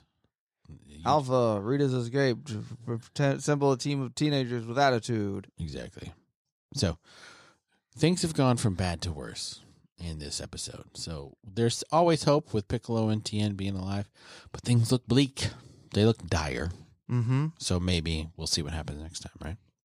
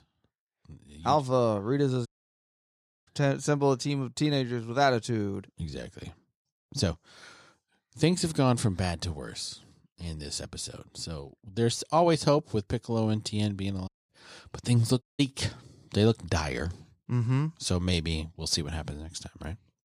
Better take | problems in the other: first | audio cutting out; at 2 s for 1 s, at 14 s and at 15 s

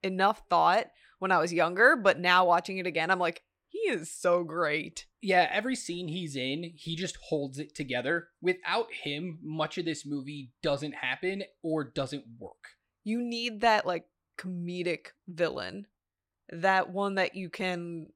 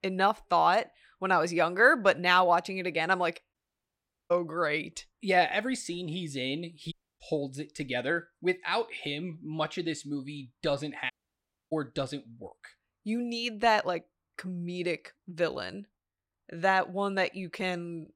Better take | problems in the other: first | audio cutting out; at 3.5 s for 1 s, at 7 s and at 11 s for 0.5 s

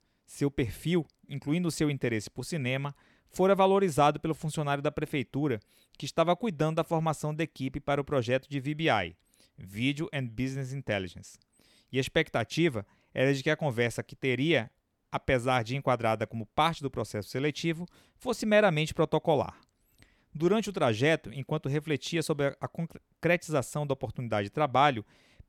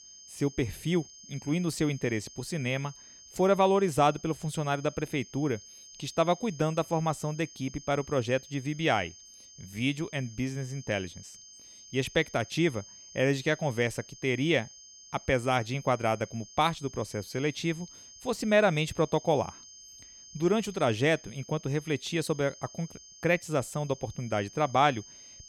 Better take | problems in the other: first | high-pitched whine; noticeable; throughout; 6.5 kHz, 20 dB below the speech

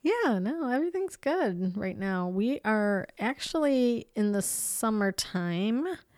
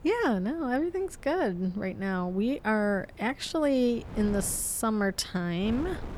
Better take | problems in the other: first | wind noise on the microphone; occasional gusts; 20 dB below the speech

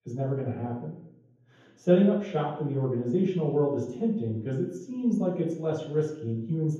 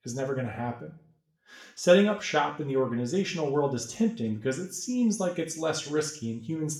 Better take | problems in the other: second | room echo; strong; dies away in 0.9 s; slight in the second // off-mic speech; far; far in the second

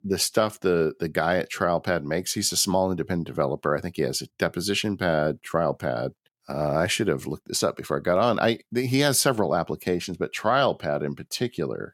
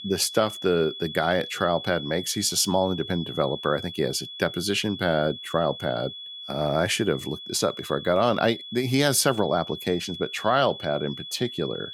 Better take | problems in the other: first | high-pitched whine; noticeable; throughout; 3.5 kHz, 10 dB below the speech

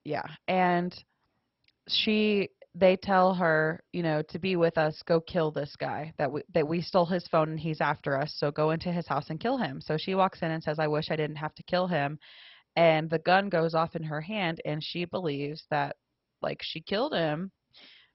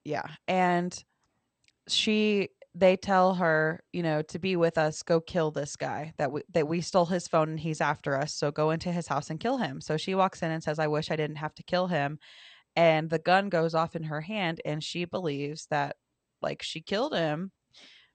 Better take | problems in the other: second | garbled, watery; badly; nothing above 5.5 kHz; slightly in the second

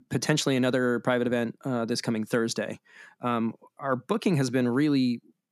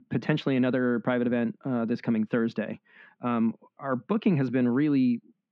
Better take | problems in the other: first | muffled; very; fading above 3 kHz

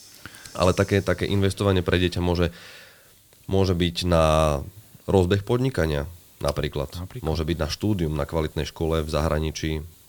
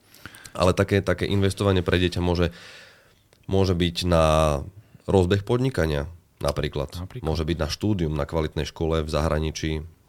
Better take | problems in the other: second | hiss; faint; throughout; 25 dB below the speech

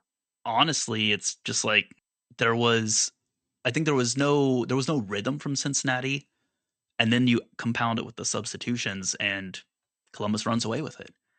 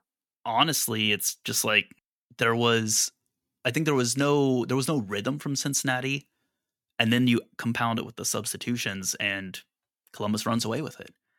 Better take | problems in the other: second | garbled, watery; slightly; nothing above 8.5 kHz

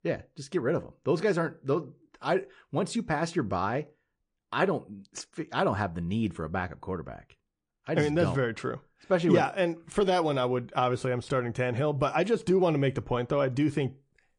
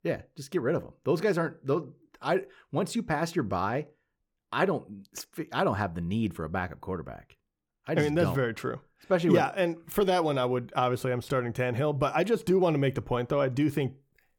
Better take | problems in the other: second | garbled, watery; slightly

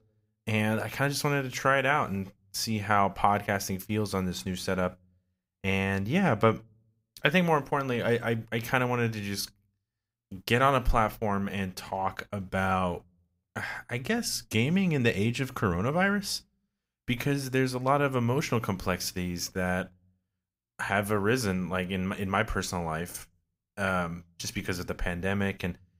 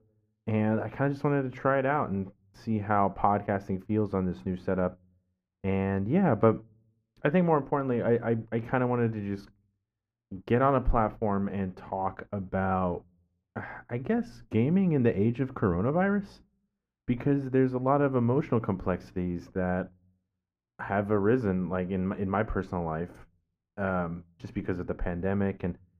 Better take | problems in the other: first | muffled; very; fading above 3 kHz

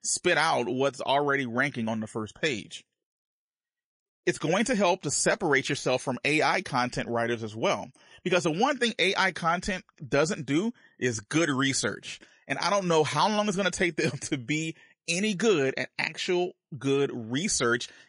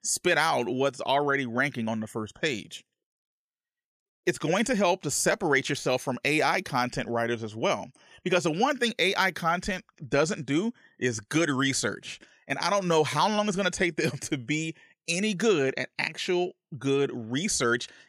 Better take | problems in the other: second | garbled, watery; slightly; nothing above 10.5 kHz

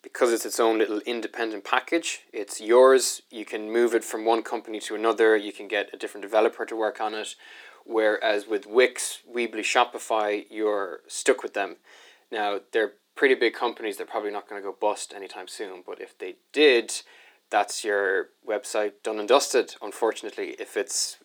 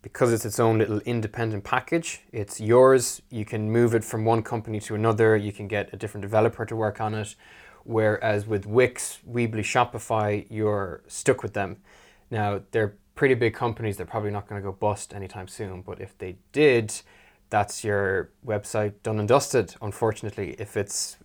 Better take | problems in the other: second | thin; somewhat; fading below 300 Hz

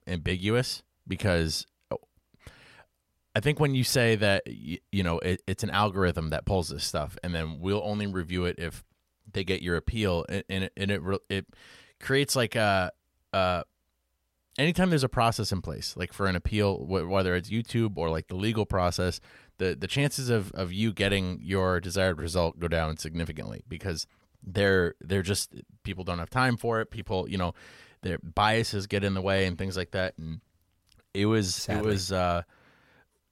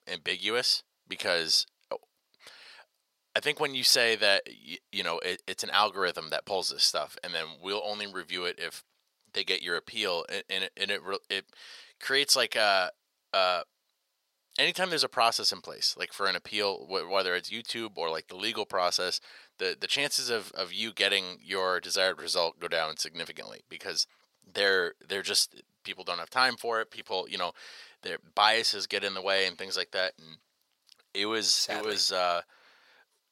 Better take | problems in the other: first | thin; very; fading below 550 Hz

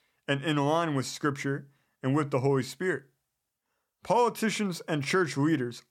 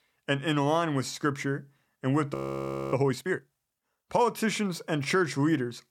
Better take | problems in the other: first | audio freezing; at 2.5 s for 0.5 s

